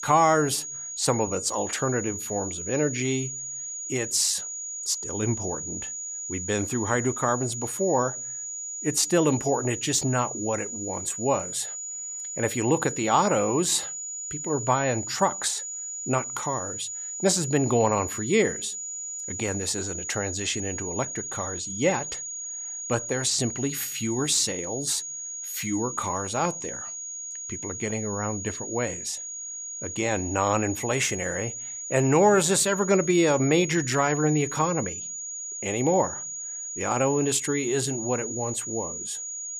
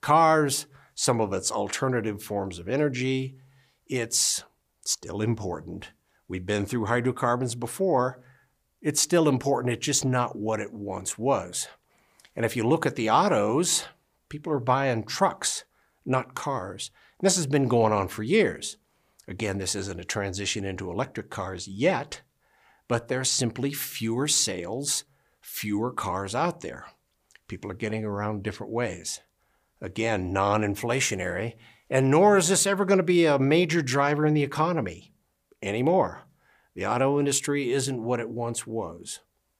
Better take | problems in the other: second | high-pitched whine; loud; throughout; 7 kHz, 6 dB below the speech

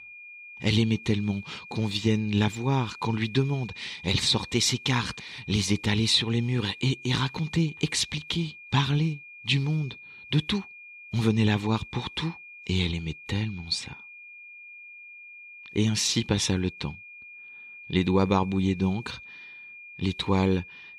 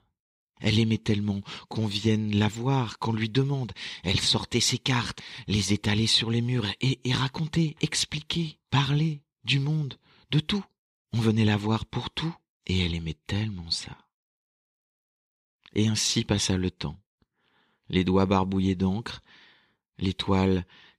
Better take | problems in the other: second | high-pitched whine; noticeable; throughout; 2.5 kHz, 15 dB below the speech

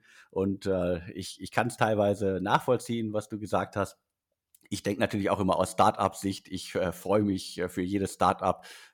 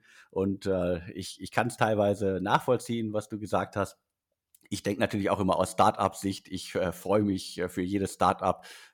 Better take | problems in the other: neither | none

